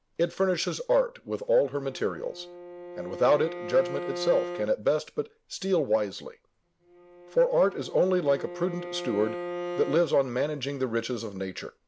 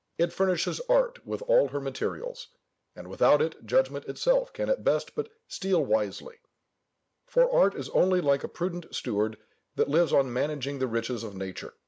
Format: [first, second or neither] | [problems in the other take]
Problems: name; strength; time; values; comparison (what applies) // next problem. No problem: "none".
second | background sound (Bowed string instrument); 12 dB below the speech